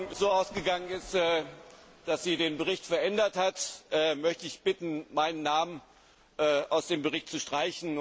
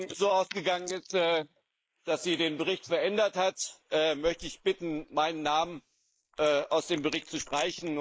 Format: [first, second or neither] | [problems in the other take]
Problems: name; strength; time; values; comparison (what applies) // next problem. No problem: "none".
first | noise reduction (neural mask model Resemble Enhance denoiser)